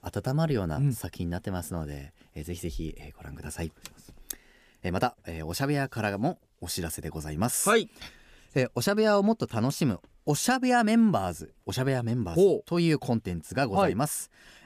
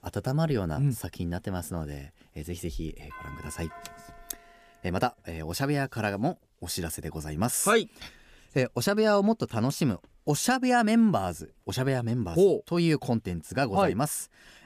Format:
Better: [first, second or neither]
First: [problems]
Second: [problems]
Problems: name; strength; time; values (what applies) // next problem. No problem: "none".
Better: first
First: none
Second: doorbell; faint; from 3 to 5 s; peak 15 dB below the speech